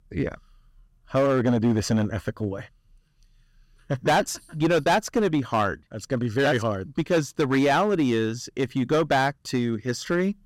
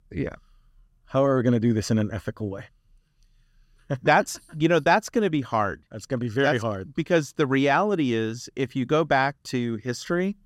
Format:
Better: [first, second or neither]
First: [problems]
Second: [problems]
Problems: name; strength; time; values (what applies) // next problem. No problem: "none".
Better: second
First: distortion; slight; 6% of the sound clipped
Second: none